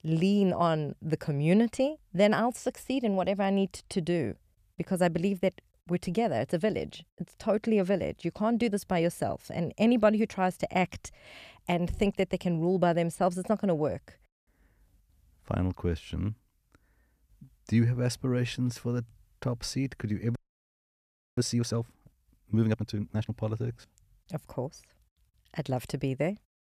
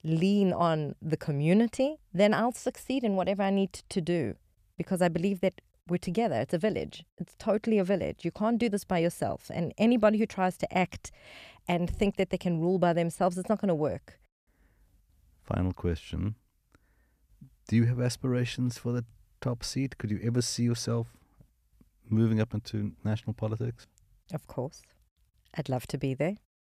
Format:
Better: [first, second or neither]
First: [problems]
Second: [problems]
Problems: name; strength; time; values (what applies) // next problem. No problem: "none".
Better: second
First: audio freezing; at 20 s for 1 s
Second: none